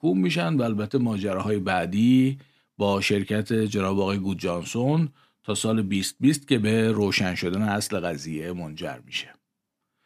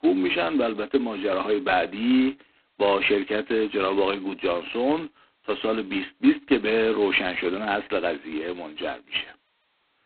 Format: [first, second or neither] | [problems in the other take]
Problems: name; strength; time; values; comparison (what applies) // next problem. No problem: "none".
first | phone-call audio; poor line; nothing above 4 kHz